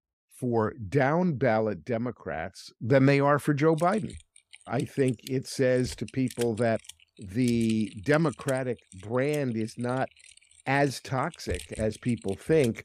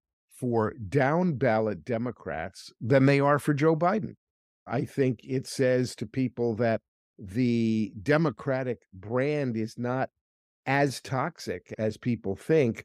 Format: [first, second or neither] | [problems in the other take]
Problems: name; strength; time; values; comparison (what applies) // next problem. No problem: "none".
second | keyboard typing; faint; from 4 s on; peak 10 dB below the speech